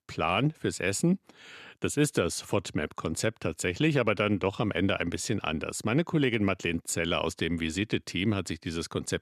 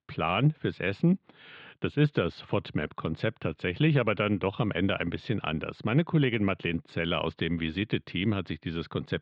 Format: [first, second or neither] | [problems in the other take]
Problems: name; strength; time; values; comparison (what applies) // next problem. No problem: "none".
first | muffled; very; fading above 3.5 kHz